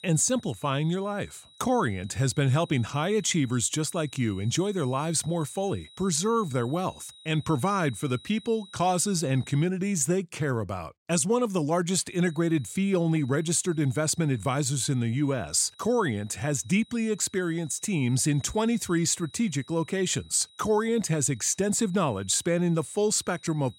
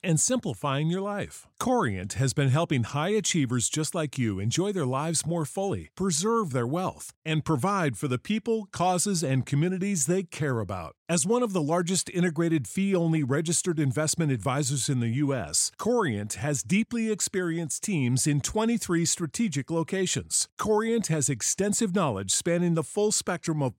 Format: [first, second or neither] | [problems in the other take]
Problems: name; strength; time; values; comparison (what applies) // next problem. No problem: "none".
second | high-pitched whine; faint; until 9.5 s and from 12 s on; 4 kHz, 25 dB below the speech